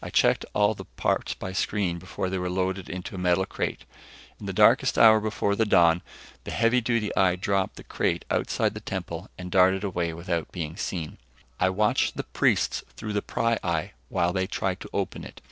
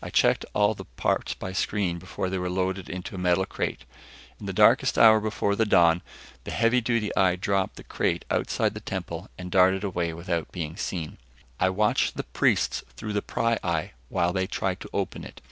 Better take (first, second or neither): second